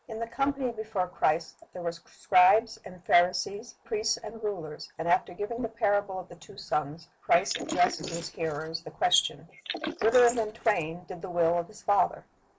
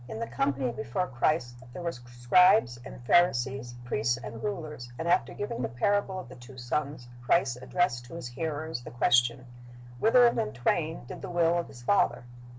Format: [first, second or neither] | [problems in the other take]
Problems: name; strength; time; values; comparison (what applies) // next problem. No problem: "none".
second | noise reduction (neural mask model Resemble Enhance denoiser)